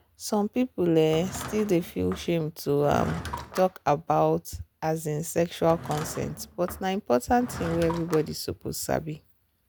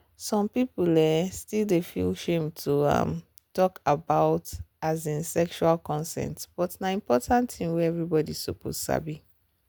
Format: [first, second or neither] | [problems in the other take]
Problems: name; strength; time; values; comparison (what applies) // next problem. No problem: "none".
second | background sound (Drawer open or close / Wood); 15 dB below the speech